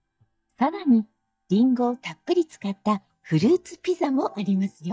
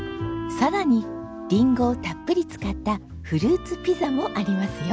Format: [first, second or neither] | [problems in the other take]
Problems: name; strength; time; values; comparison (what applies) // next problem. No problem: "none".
second | noise reduction (neural mask model DeepFilterNet 3)